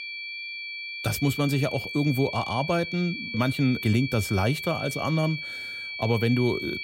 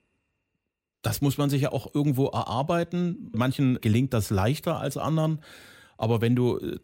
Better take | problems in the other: second | high-pitched whine; loud; throughout; 2.5 kHz, 6 dB below the speech

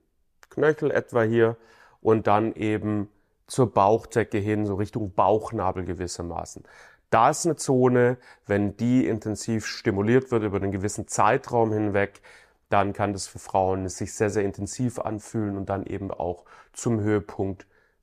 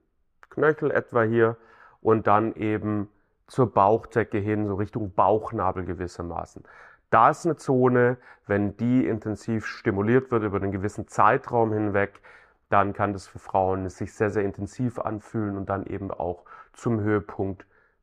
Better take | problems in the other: first | muffled; slightly; fading above 4 kHz

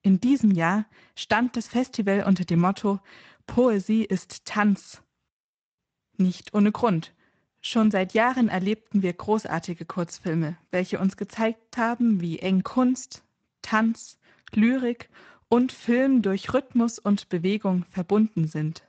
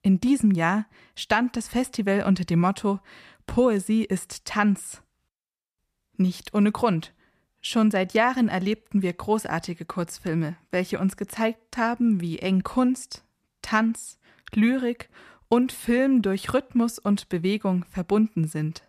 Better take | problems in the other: second | garbled, watery; slightly; nothing above 7.5 kHz

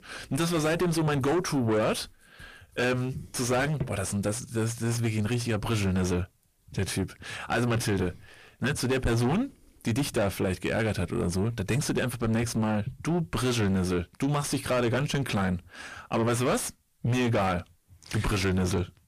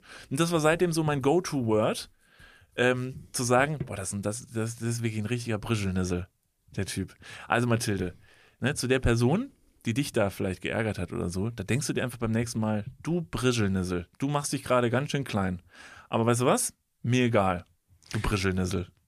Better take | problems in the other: second | distortion; heavy; 5 dB below the speech

